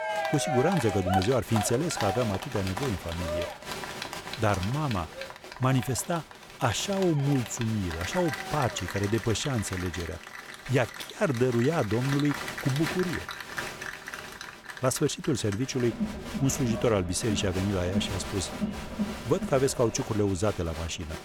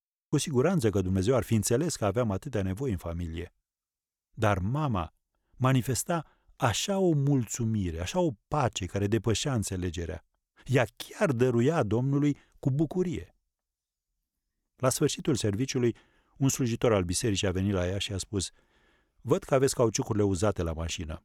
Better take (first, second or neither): second